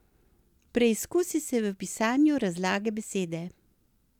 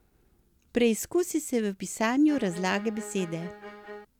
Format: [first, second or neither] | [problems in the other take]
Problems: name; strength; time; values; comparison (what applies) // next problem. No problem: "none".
first | background sound (Bowed string instrument); 15 dB below the speech